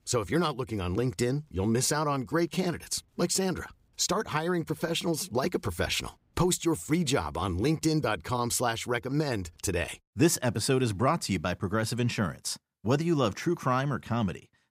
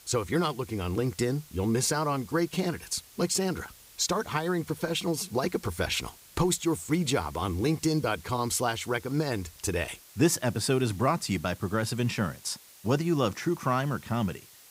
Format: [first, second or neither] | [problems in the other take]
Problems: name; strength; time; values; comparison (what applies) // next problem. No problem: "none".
first | hiss; faint; throughout; 20 dB below the speech